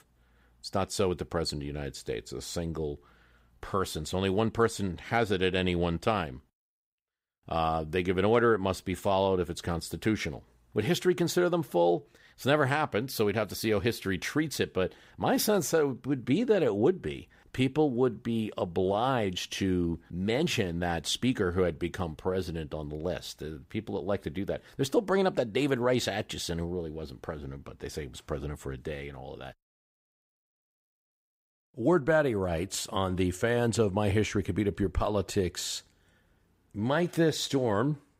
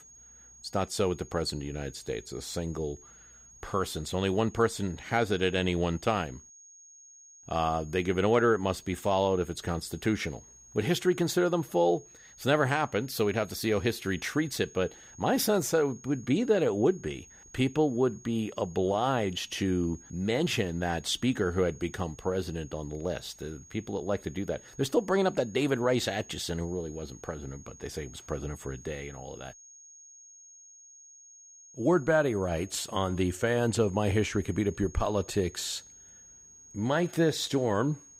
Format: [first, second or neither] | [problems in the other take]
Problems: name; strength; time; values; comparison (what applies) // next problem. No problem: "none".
first | high-pitched whine; faint; throughout; 6.5 kHz, 20 dB below the speech